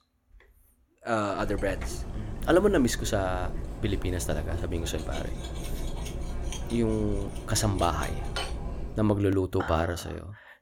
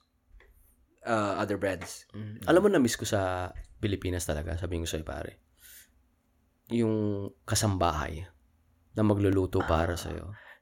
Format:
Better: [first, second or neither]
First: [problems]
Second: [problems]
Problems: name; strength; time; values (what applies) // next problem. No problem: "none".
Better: second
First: clattering dishes; noticeable; from 1.5 to 9 s; peak 5 dB below the speech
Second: none